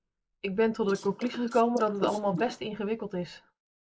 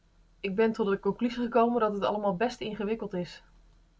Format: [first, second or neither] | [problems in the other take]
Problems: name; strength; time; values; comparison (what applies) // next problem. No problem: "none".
second | noise reduction (neural mask model Resemble Enhance denoiser)